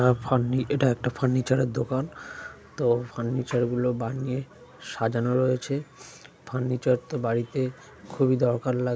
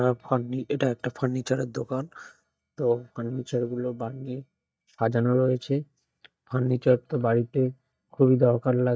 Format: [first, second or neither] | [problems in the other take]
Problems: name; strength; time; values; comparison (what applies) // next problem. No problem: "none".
first | noise reduction (neural mask model DeepFilterNet 3)